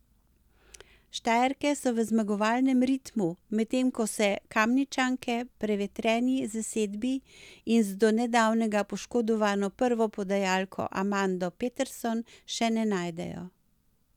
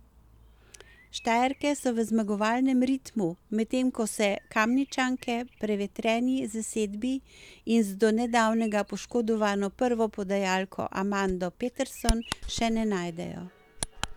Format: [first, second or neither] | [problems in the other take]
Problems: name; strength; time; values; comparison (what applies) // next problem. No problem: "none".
first | background sound (Bird vocalization, bird call, bird song); 14 dB below the speech